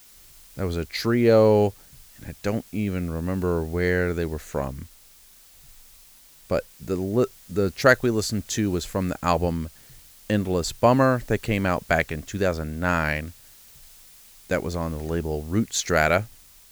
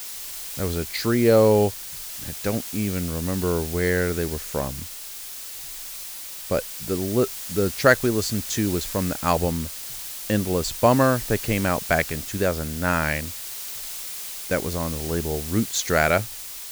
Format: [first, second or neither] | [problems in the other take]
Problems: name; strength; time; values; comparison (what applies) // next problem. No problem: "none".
first | hiss; loud; throughout; 8 dB below the speech; faint in the first